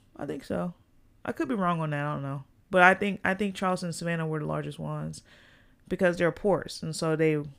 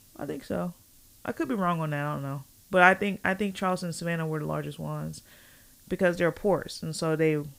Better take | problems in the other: first | hiss; faint; throughout; 25 dB below the speech

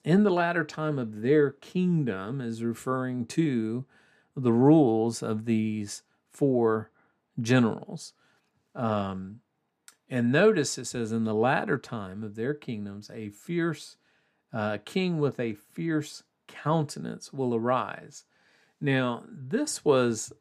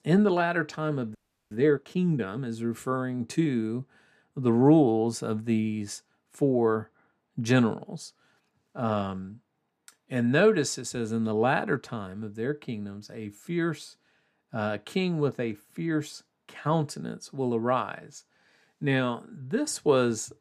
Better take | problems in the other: first | audio freezing; at 1 s

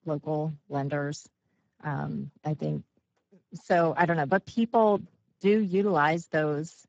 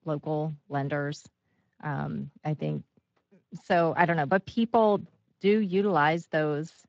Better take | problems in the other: second | garbled, watery; badly; nothing above 7.5 kHz; slightly in the second

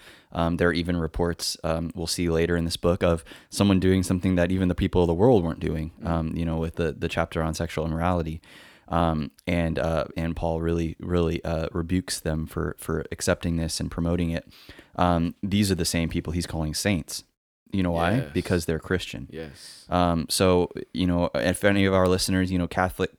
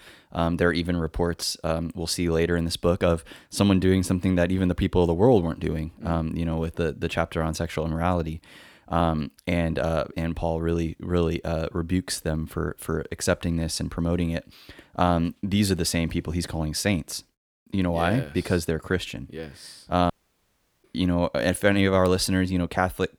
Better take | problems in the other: first | audio cutting out; at 20 s for 0.5 s

